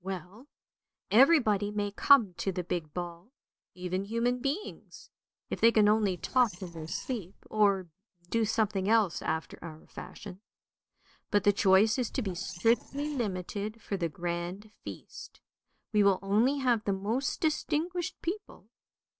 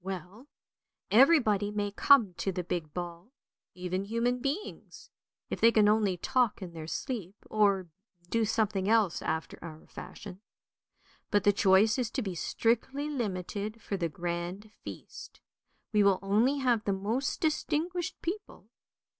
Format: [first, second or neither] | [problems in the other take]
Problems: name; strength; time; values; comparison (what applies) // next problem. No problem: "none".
second | noise reduction (neural separator model SepFormer DNS4)